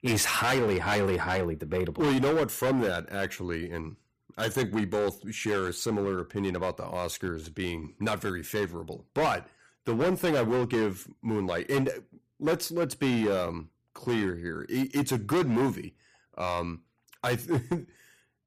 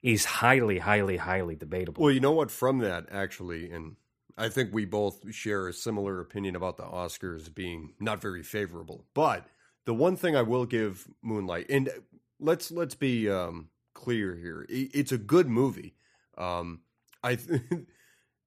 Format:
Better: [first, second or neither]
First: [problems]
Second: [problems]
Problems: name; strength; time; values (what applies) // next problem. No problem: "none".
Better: second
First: distortion; heavy; 10% of the sound clipped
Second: none